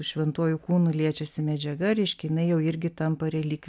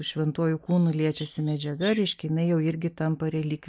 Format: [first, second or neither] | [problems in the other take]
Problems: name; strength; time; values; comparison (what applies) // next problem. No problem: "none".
first | noise reduction (neural mask model Resemble Enhance denoiser)